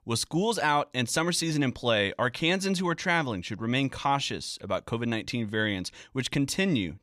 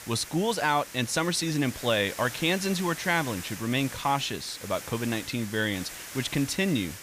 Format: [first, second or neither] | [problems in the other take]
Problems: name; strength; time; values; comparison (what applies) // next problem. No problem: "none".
first | hiss; noticeable; throughout; 10 dB below the speech